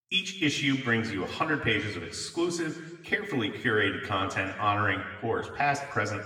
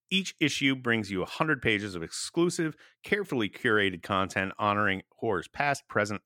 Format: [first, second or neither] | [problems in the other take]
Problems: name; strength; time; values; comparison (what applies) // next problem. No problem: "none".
second | room echo; slight; dies away in 1.3 s // off-mic speech; far